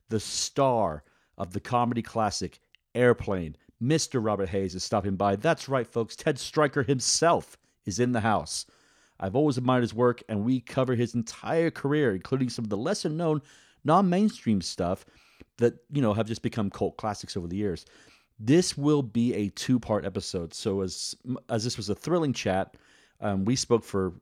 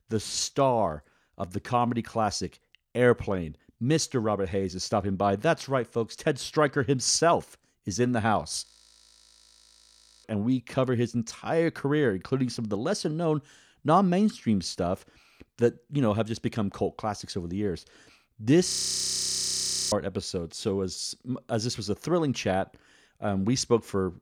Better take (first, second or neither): first